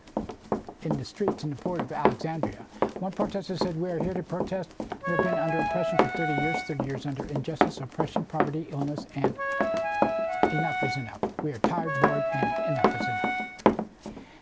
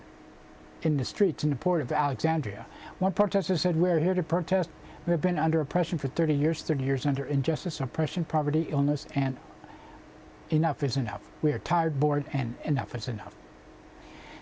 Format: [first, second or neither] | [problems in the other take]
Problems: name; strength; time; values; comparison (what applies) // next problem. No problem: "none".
second | background sound (Run + Wind instrument, woodwind instrument); 4 dB above the speech